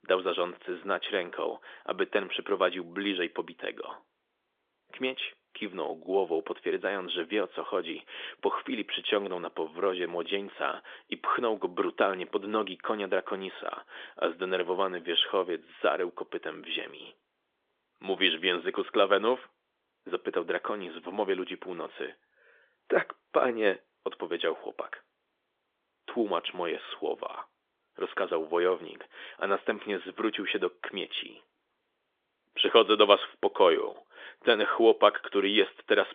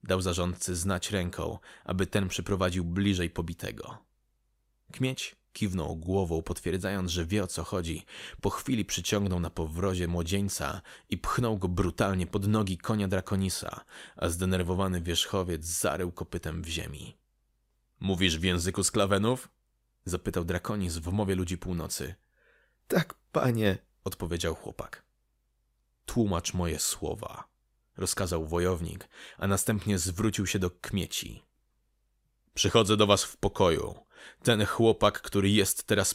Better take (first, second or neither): second